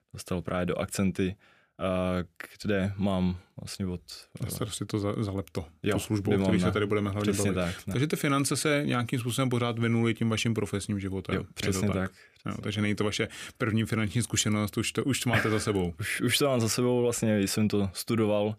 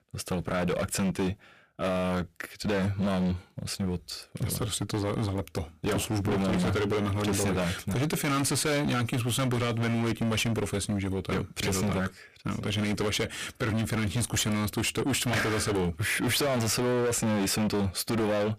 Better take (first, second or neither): first